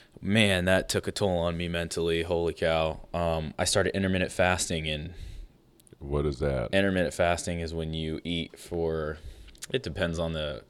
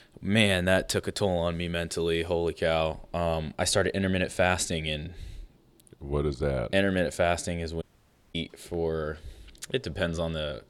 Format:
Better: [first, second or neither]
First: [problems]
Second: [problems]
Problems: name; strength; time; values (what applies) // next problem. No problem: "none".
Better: first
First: none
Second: audio cutting out; at 8 s for 0.5 s